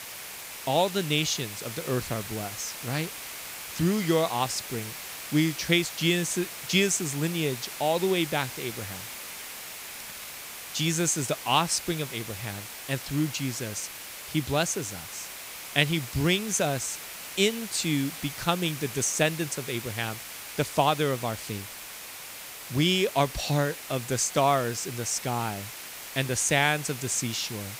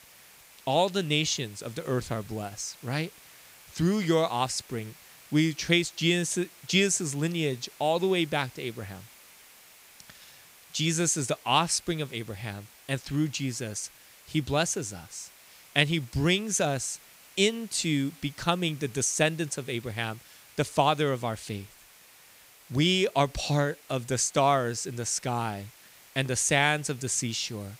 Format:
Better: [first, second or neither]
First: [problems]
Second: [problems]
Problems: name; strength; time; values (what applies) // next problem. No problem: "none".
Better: second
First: hiss; loud; throughout; 10 dB below the speech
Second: hiss; faint; throughout; 25 dB below the speech